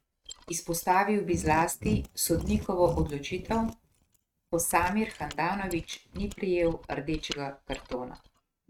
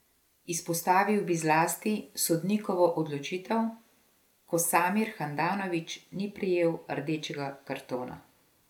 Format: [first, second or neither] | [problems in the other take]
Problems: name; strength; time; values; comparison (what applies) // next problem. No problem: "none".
second | noise reduction (neural mask model RNNoise)